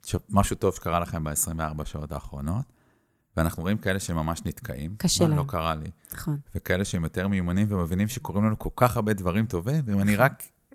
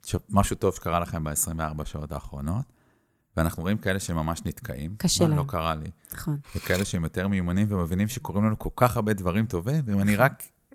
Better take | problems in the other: first | clattering dishes; noticeable; at 6.5 s; peak 9 dB below the speech

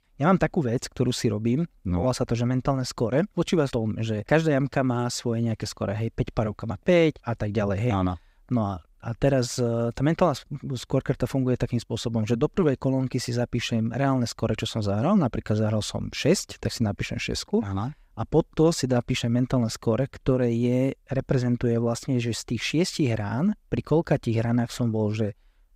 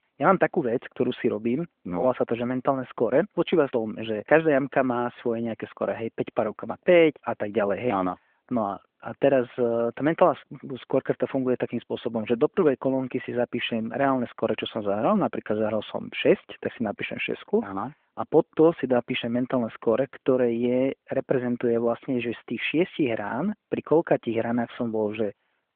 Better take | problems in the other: first | phone-call audio; nothing above 3.5 kHz

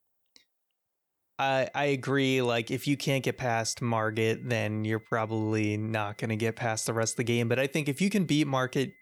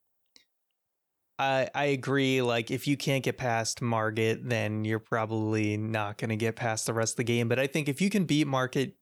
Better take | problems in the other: second | high-pitched whine; faint; from 1.5 s on; 2 kHz, 30 dB below the speech

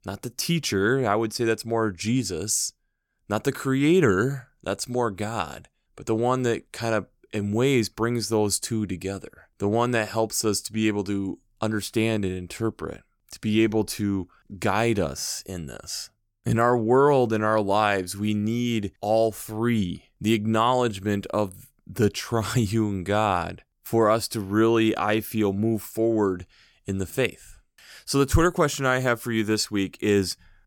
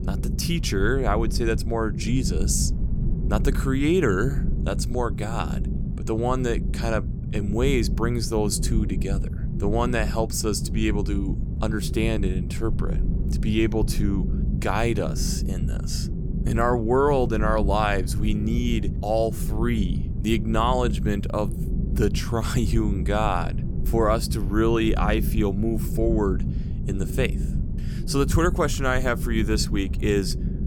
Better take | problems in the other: first | low rumble; noticeable; throughout; 10 dB below the speech

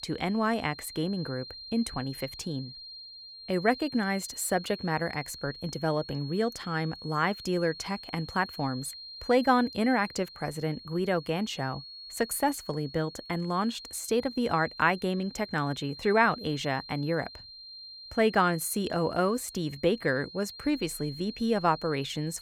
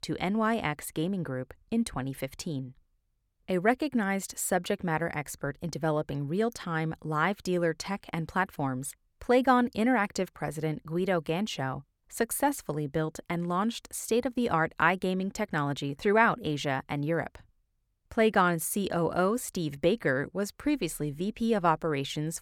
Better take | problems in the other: second | high-pitched whine; noticeable; throughout; 4 kHz, 15 dB below the speech

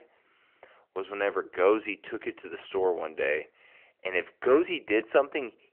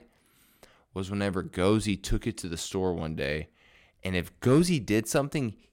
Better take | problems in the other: second | phone-call audio; nothing above 3 kHz

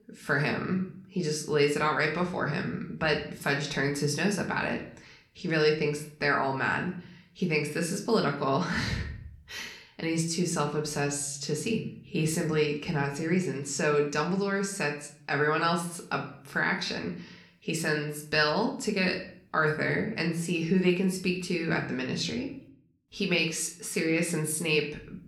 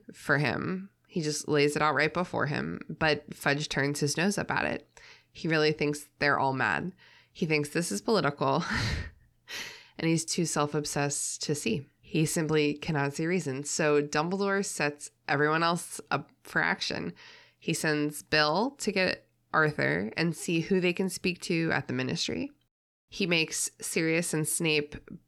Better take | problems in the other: second | room echo; slight; dies away in 0.5 s // off-mic speech; somewhat distant

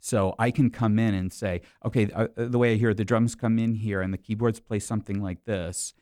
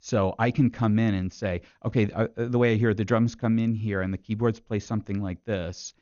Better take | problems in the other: first | garbled, watery; slightly; nothing above 6.5 kHz

